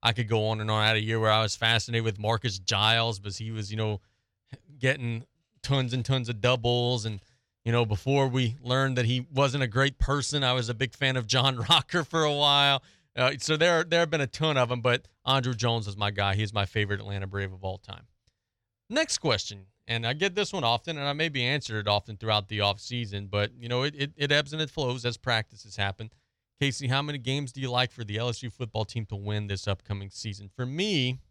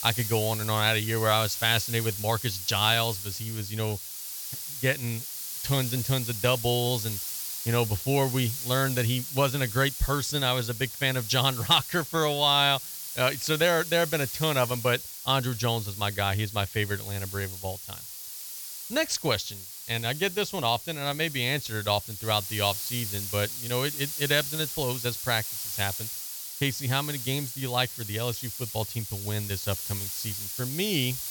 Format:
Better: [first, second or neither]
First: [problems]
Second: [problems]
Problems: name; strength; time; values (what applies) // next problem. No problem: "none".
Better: first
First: none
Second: hiss; loud; throughout; 6 dB below the speech